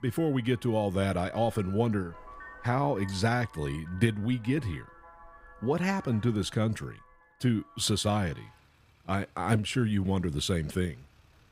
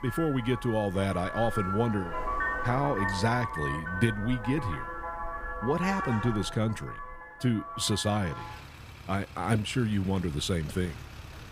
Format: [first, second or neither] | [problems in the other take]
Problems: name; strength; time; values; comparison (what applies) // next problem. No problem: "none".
first | traffic noise; loud; throughout; 7 dB below the speech; faint in the first